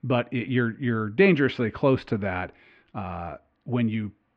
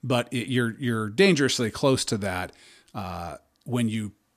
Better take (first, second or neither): second